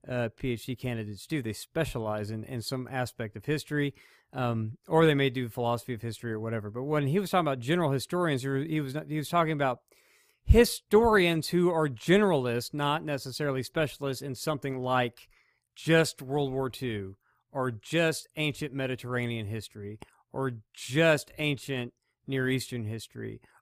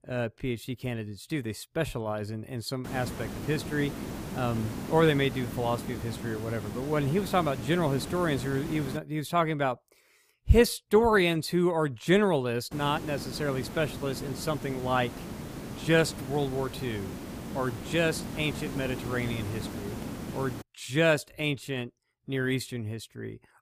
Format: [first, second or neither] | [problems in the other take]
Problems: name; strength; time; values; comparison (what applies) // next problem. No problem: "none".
first | hiss; loud; from 3 to 9 s and from 13 to 21 s; 9 dB below the speech